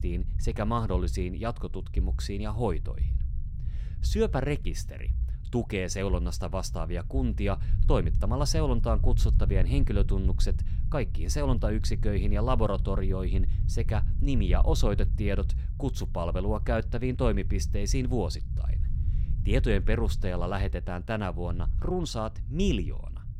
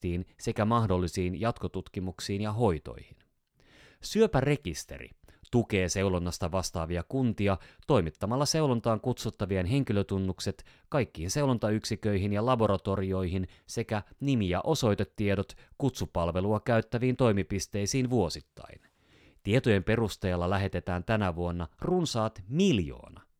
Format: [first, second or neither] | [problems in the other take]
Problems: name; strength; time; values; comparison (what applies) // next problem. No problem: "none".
second | low rumble; noticeable; throughout; 15 dB below the speech